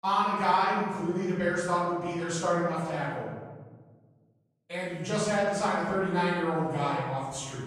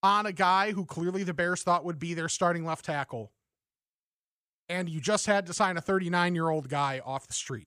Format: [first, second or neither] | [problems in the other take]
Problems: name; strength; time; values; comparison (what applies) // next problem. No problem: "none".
second | off-mic speech; far // room echo; strong; dies away in 1.4 s